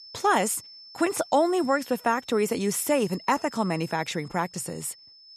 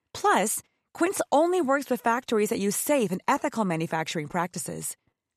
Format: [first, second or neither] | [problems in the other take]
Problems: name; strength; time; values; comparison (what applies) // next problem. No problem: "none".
second | high-pitched whine; noticeable; throughout; 5.5 kHz, 20 dB below the speech